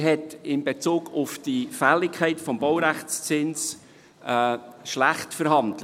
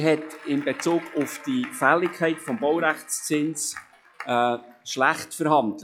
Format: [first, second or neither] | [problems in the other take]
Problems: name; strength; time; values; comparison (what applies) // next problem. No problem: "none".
first | noise reduction (classical method log-MMSE)